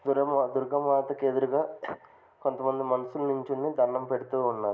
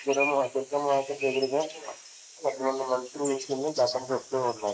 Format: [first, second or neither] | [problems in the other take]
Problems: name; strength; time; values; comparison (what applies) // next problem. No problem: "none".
first | noise reduction (neural mask model Resemble Enhance denoiser)